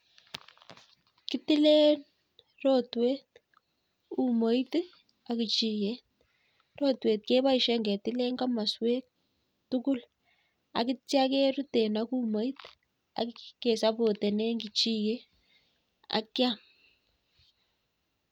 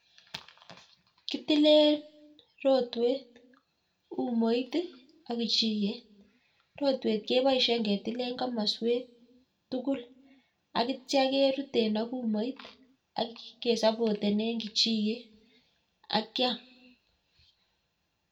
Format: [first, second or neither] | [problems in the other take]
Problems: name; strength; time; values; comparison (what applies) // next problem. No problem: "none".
first | room echo; dies away in 0.3 s